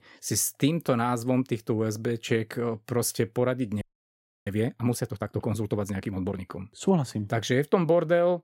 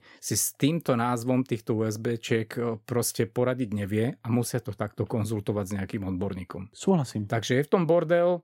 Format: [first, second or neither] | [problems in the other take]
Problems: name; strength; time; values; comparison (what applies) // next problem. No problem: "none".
second | audio freezing; at 4 s for 0.5 s